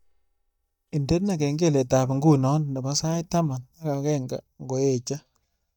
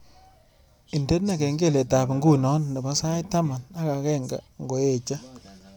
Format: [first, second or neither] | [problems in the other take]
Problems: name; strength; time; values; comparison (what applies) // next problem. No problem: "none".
second | noise reduction (neural mask model DeepFilterNet 3)